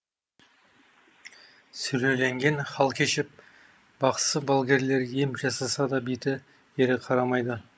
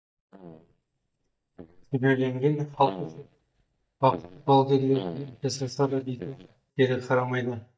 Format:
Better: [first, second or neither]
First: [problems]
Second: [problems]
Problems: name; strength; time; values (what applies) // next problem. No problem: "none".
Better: first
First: none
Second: noise reduction (neural mask model DeepFilterNet 3)